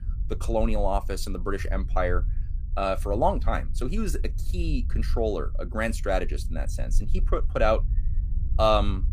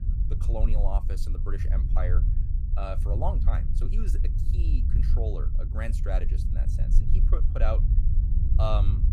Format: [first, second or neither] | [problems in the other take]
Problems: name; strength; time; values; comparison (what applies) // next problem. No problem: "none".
first | low rumble; loud; throughout; 8 dB below the speech; faint in the first